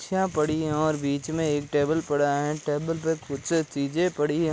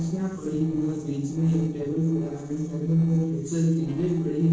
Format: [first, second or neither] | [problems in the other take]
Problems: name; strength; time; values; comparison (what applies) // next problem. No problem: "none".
first | noise reduction (neural separator model SepFormer DNS4)